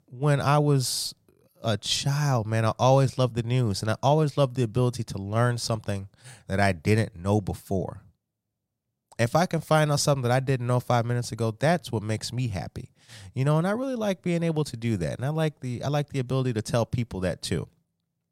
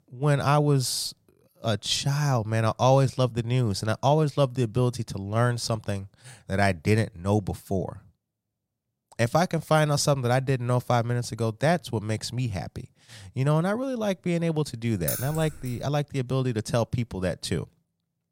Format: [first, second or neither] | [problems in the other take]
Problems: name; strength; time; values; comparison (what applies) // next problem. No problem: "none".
first | jangling keys; noticeable; at 15 s; peak 4 dB below the speech